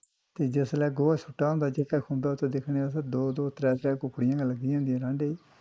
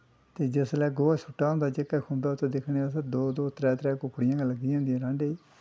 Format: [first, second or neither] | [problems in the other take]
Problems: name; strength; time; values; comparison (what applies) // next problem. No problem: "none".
second | noise reduction (neural mask model Resemble Enhance denoiser)